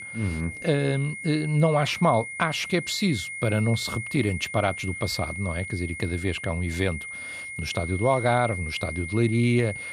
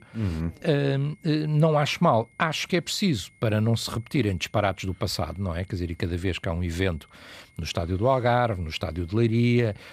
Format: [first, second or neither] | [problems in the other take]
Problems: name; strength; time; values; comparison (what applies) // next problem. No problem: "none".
second | high-pitched whine; loud; throughout; 2 kHz, 8 dB below the speech; faint in the second